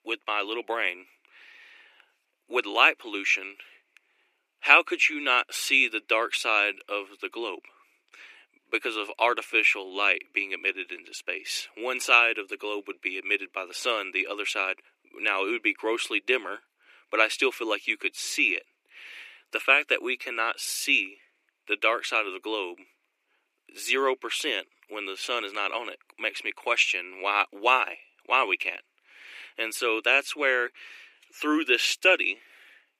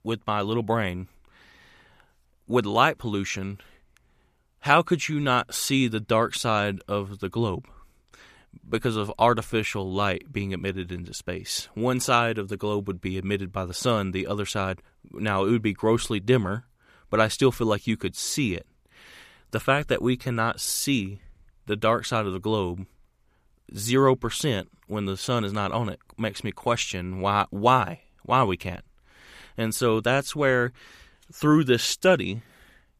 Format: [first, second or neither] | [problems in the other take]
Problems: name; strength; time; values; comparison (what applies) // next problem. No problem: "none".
second | thin; very; fading below 300 Hz